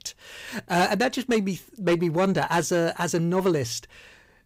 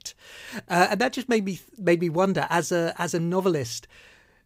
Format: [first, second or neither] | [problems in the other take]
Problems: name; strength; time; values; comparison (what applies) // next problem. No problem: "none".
second | distortion; slight; 10 dB below the speech